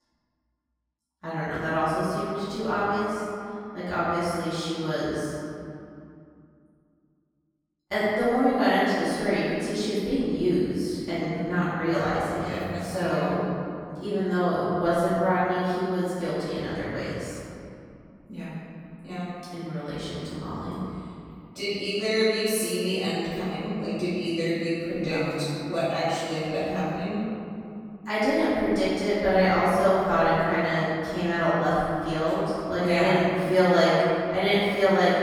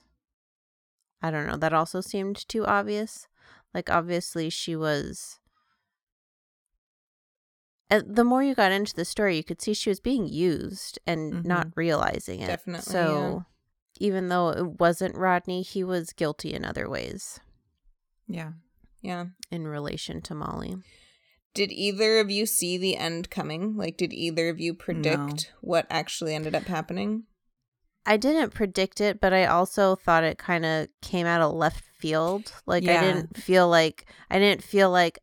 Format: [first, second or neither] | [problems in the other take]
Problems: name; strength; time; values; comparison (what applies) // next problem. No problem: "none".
second | off-mic speech; far // room echo; strong; dies away in 2.5 s